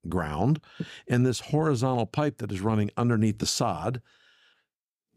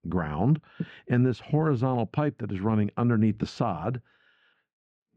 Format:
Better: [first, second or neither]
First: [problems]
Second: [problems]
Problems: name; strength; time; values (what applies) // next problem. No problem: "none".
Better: first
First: none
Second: muffled; slightly; fading above 2 kHz